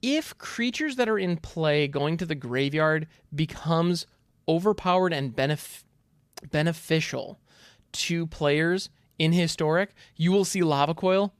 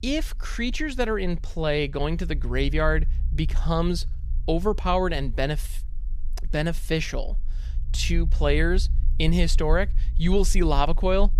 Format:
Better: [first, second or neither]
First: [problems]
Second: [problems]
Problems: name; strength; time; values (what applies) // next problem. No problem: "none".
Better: first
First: none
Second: low rumble; faint; throughout; 25 dB below the speech